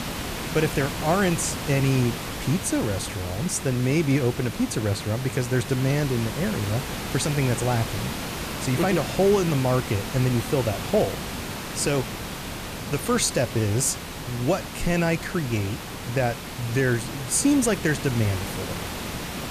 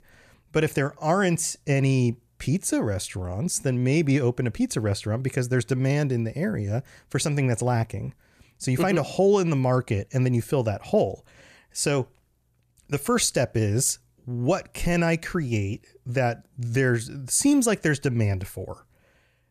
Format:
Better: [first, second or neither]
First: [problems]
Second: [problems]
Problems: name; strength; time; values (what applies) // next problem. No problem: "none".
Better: second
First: hiss; loud; throughout; 7 dB below the speech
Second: none